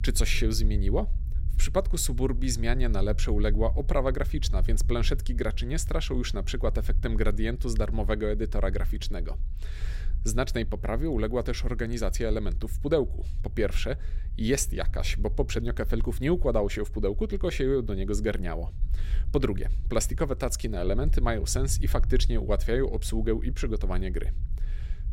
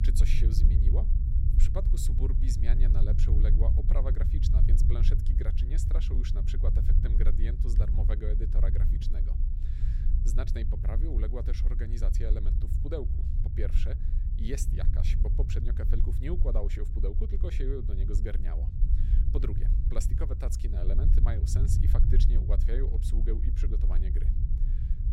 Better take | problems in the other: first | low rumble; loud; throughout; 4 dB below the speech; faint in the first

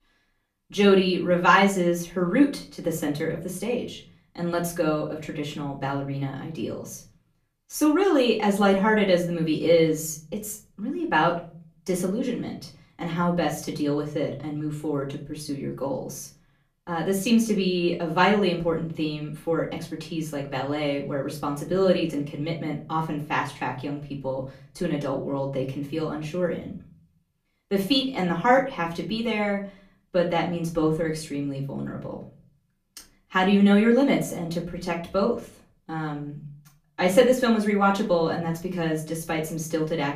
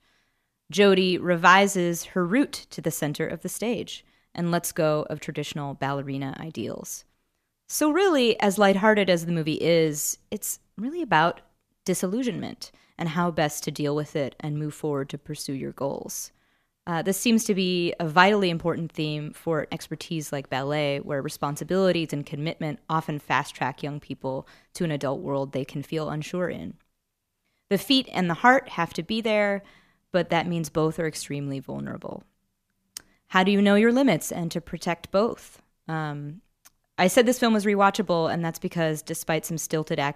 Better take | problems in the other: second | off-mic speech; far // room echo; slight; dies away in 0.5 s

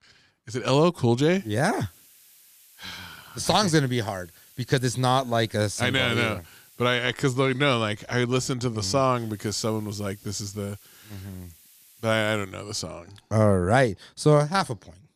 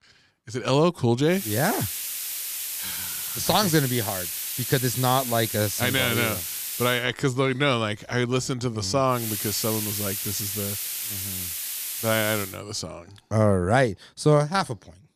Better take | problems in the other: first | hiss; loud; from 1.5 to 7 s and from 9 to 12 s; 4 dB below the speech; faint in the first

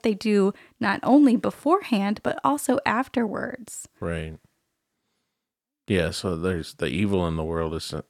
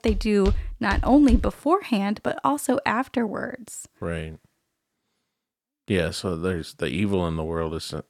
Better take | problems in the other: first | footsteps; noticeable; until 1.5 s; peak 4 dB below the speech

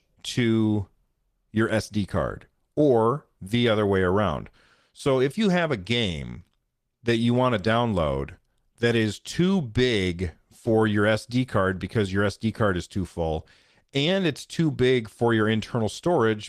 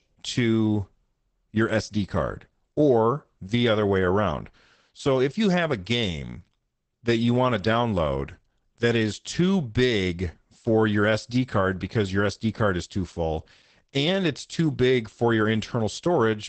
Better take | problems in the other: first | garbled, watery; badly; nothing above 8 kHz; slightly in the first

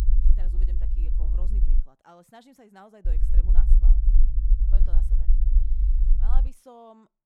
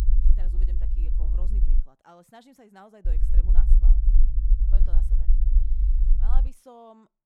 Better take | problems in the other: neither | low rumble; loud; until 2 s and from 3 to 6.5 s; as loud as the speech; the same in both

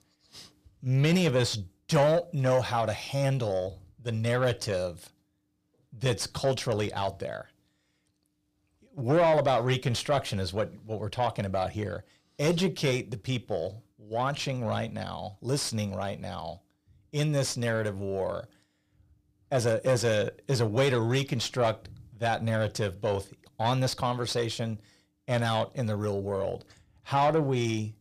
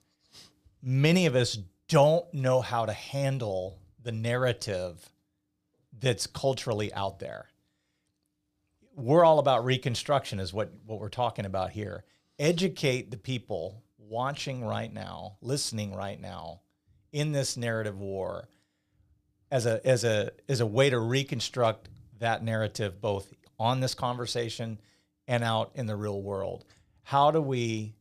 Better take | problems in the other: second | distortion; slight; 10 dB below the speech

